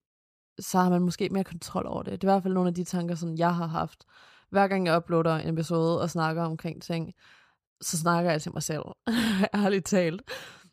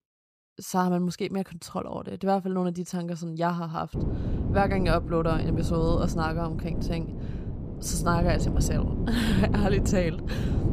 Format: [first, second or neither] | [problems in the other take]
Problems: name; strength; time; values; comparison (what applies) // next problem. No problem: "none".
first | wind noise on the microphone; heavy; from 4 s on; 8 dB below the speech